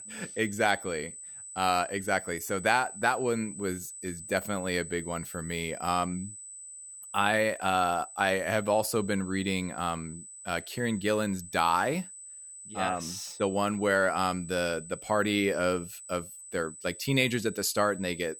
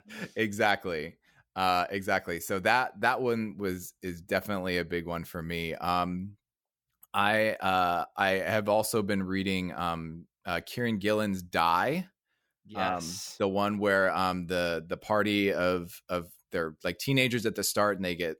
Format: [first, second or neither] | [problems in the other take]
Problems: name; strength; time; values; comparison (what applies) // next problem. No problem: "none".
second | high-pitched whine; noticeable; throughout; 8 kHz, 15 dB below the speech